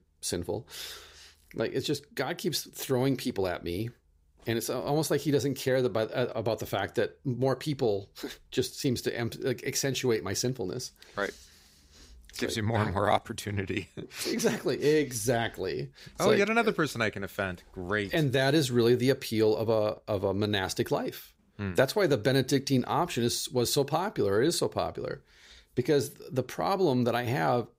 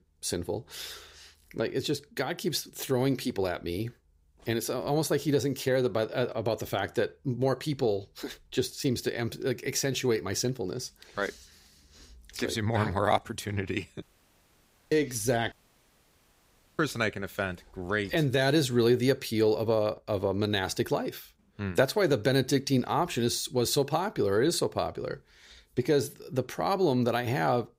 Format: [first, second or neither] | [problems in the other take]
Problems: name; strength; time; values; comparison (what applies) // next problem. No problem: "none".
first | audio cutting out; at 14 s for 1 s and at 16 s for 1.5 s